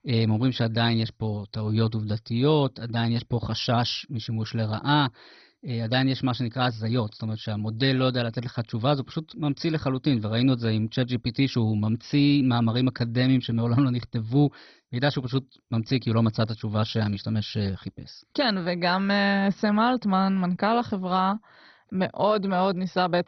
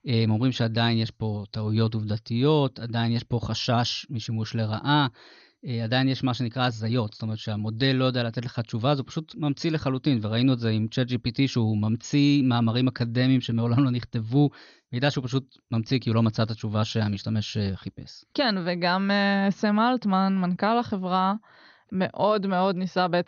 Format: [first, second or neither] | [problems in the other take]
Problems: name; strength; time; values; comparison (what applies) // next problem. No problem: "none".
second | garbled, watery; badly; nothing above 5.5 kHz; slightly in the second